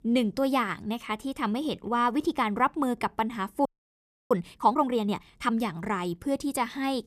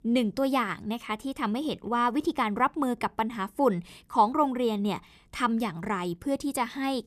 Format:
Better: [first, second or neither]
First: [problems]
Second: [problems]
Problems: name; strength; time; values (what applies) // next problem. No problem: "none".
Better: second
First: audio freezing; at 3.5 s for 0.5 s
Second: none